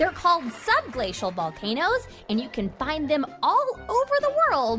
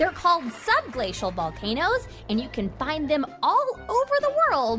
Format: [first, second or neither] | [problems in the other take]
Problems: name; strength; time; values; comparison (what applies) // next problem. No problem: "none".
first | background sound (Bowed string instrument); 20 dB below the speech